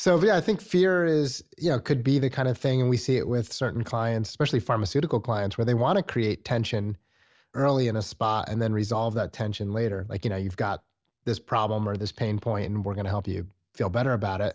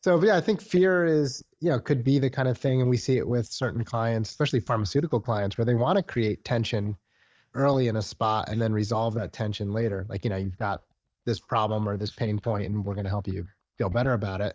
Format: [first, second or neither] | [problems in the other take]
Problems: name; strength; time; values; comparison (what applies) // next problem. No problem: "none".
first | noise reduction (neural mask model DeepFilterNet 3)